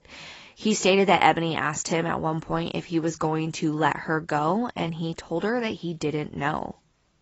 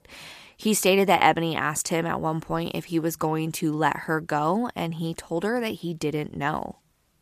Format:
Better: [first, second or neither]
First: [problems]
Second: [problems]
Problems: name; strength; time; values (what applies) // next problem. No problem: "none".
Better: second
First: garbled, watery; badly; nothing above 7.5 kHz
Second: none